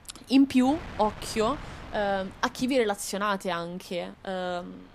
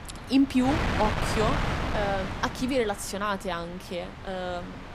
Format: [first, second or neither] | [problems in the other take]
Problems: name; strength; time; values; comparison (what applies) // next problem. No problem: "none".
first | wind noise on the microphone; heavy; 2 dB below the speech; occasional gusts in the first